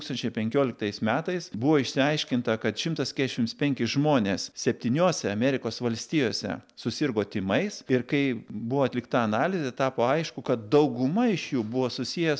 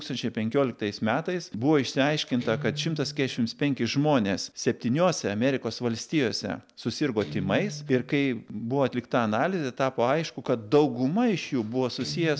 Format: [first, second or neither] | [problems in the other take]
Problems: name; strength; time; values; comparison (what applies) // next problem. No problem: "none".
first | background sound (Guitar); 18 dB below the speech